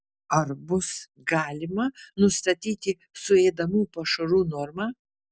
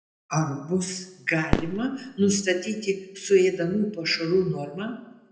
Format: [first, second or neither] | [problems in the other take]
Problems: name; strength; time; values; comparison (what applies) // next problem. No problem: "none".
first | background sound (Fireworks); 7 dB below the speech // room echo; dies away in 0.7 s